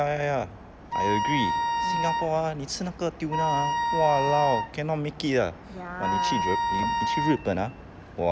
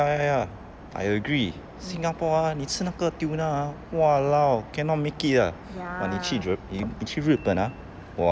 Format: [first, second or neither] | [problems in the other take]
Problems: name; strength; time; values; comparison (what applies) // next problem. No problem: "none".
second | background sound (Wind instrument, woodwind instrument); 1 dB above the speech